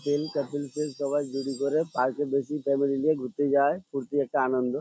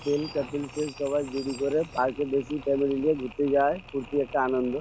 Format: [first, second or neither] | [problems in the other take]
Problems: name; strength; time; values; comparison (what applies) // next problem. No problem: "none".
first | background sound (Mechanisms); 19 dB below the speech